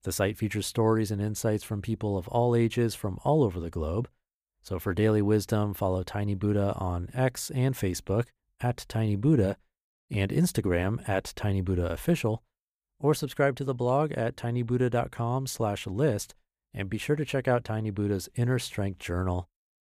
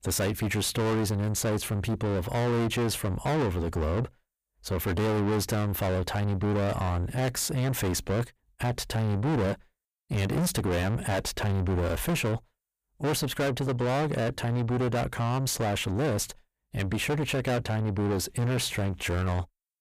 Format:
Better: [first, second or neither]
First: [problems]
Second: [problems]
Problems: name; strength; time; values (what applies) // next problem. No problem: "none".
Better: first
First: none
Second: distortion; heavy; 5 dB below the speech